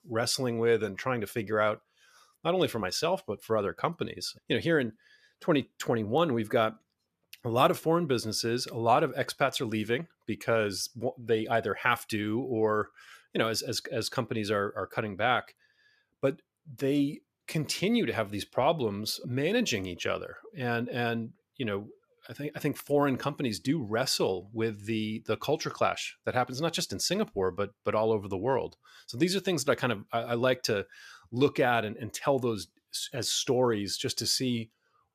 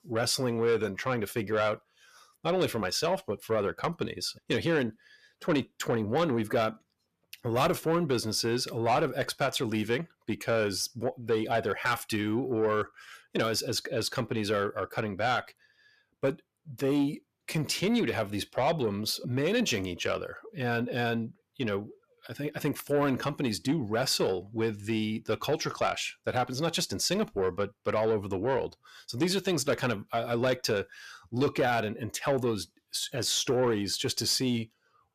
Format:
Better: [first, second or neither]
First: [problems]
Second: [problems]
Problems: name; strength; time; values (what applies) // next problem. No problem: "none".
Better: first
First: none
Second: distortion; slight; 10 dB below the speech